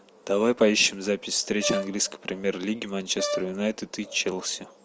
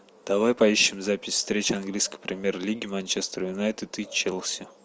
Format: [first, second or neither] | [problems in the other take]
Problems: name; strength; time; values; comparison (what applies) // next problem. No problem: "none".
second | background sound (Brass instrument); 9 dB below the speech